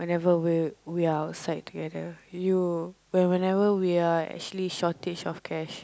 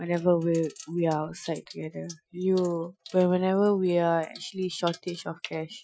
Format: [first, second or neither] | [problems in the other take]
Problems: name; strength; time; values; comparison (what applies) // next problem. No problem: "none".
first | noise reduction (classical method Wiener filter)